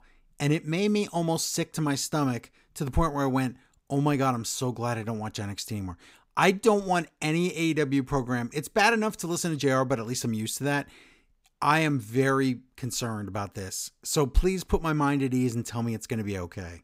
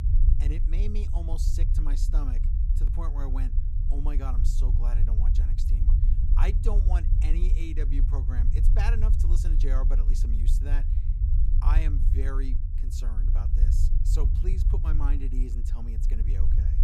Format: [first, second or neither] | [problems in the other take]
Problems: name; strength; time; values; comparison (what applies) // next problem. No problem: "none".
first | low rumble; loud; throughout; 4 dB below the speech